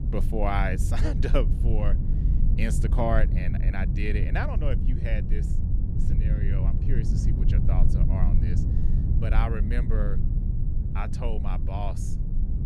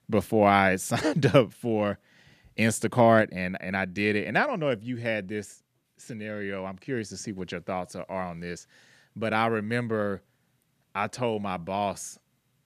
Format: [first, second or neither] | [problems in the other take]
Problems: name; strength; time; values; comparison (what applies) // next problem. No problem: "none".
second | low rumble; loud; throughout; 7 dB below the speech